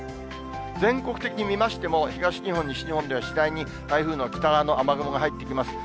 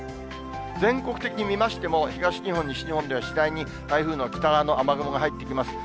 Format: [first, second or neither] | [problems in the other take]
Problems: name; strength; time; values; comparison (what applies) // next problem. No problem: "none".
first | background sound (Bowed string instrument); 19 dB below the speech